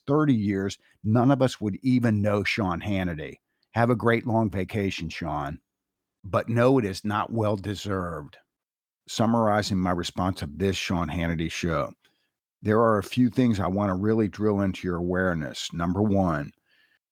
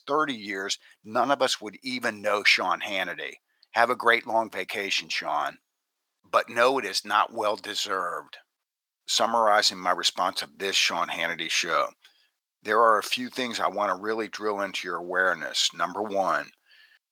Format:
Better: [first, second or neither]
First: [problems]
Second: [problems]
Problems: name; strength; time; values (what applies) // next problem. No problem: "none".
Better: first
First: none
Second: thin; very; fading below 750 Hz